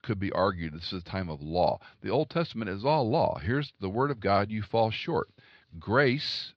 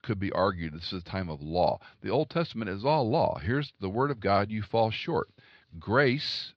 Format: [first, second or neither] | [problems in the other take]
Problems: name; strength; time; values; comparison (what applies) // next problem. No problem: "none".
neither | muffled; very slightly; fading above 4.5 kHz; the same in both